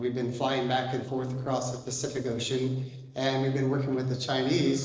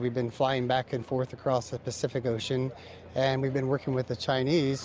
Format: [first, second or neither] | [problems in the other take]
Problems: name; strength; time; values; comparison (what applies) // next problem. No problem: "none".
second | noise reduction (neural separator model SepFormer DNS4)